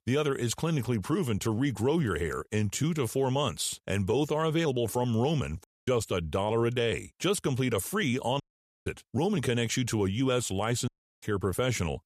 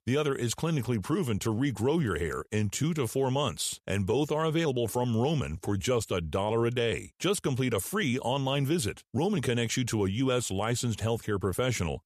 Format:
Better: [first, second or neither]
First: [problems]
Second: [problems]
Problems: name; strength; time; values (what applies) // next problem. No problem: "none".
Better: second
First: audio cutting out; at 5.5 s, at 8.5 s and at 11 s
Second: none